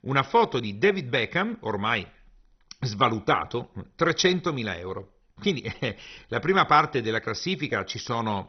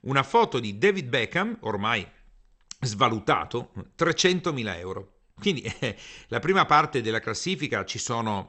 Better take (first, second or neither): second